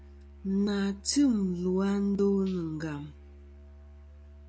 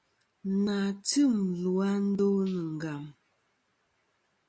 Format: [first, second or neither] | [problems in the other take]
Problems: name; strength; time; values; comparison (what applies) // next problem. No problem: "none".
second | background sound (Musical instrument); 20 dB below the speech